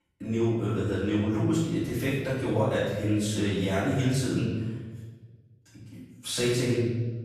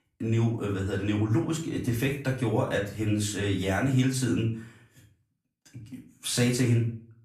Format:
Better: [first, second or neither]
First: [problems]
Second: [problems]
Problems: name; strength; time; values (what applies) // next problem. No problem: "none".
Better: second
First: room echo; strong; dies away in 1.2 s // off-mic speech; far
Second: room echo; slight; dies away in 0.4 s // off-mic speech; far